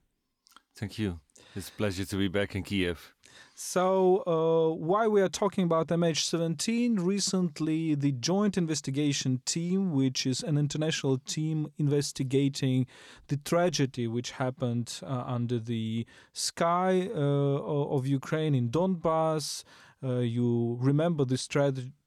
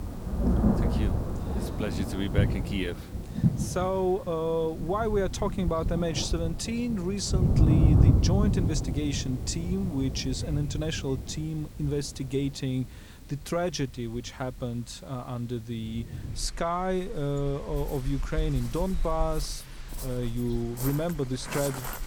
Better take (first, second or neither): first